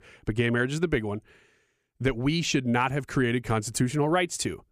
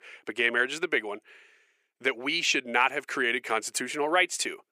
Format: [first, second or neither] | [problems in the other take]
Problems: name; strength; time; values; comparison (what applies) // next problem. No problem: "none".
first | thin; very; fading below 400 Hz